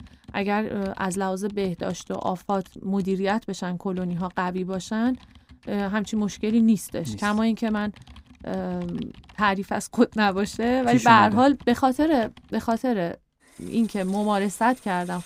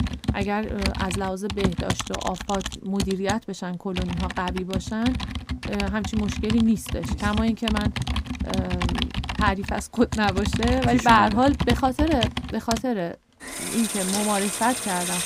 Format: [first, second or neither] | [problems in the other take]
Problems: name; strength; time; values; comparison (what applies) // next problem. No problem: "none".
first | household noises; loud; throughout; 4 dB below the speech; faint in the first